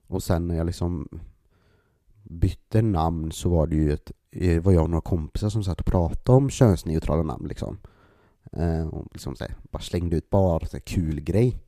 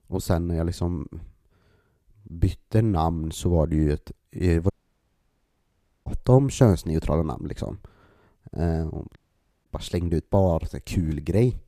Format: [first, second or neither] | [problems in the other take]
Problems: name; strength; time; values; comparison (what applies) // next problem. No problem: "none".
first | audio cutting out; at 4.5 s for 1.5 s and at 9 s